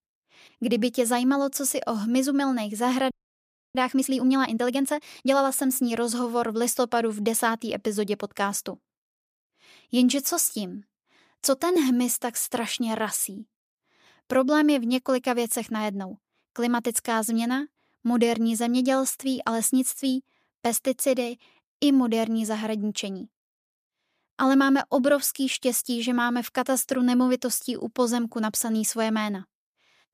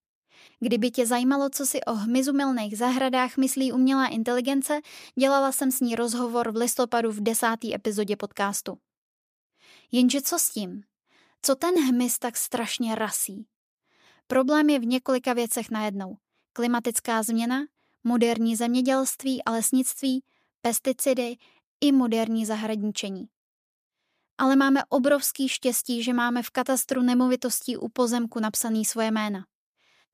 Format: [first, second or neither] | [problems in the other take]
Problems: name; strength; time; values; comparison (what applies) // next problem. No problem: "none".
second | audio freezing; at 3 s for 0.5 s